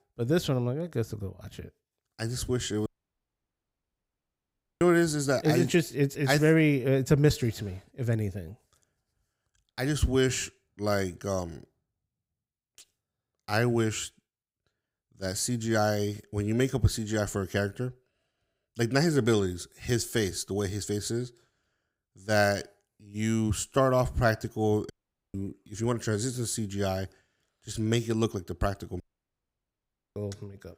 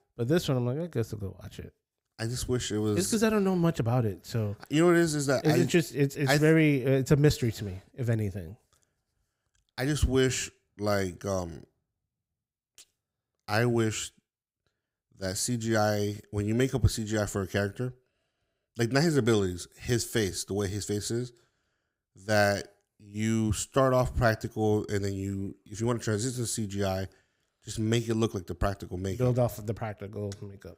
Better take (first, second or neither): second